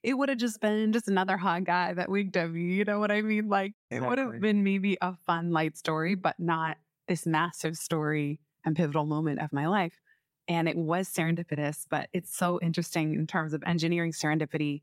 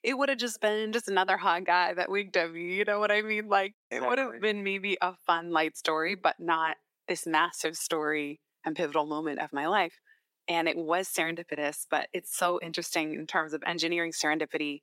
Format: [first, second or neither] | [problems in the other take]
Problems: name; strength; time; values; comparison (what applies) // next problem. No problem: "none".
first | thin; somewhat; fading below 350 Hz